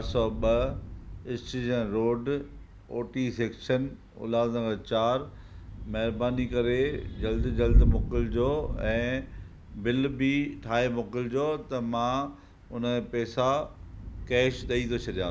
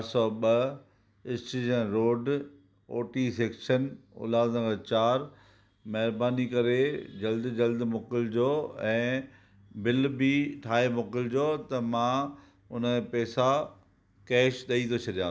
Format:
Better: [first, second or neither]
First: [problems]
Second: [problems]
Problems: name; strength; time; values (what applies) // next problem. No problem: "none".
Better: second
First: background sound (Thunder / Rain); 4 dB below the speech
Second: none